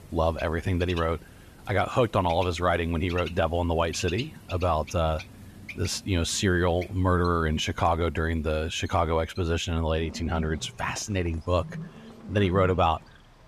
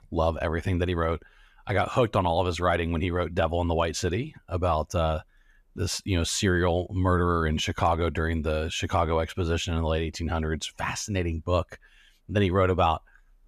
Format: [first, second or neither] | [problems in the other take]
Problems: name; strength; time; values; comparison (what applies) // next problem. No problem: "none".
second | animal sounds; noticeable; throughout; 15 dB below the speech